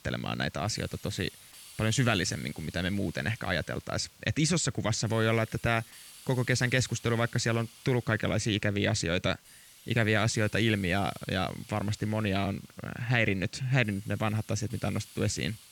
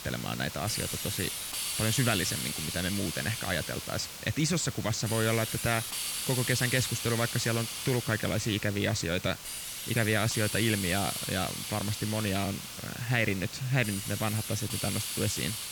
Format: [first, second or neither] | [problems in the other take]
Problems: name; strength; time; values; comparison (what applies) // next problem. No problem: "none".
first | hiss; loud; throughout; 4 dB below the speech; faint in the first